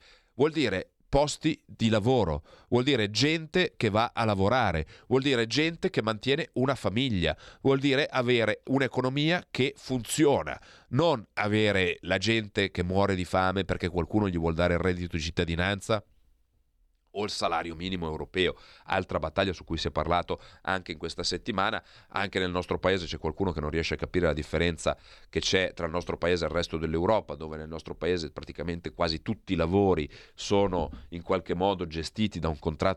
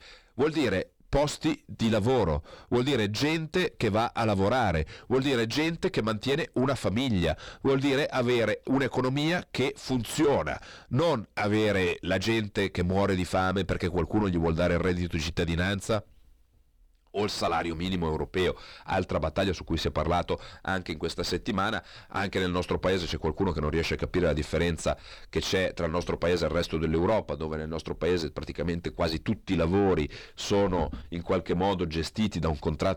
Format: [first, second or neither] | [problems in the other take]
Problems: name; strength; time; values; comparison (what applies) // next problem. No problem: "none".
first | distortion; heavy; 7 dB below the speech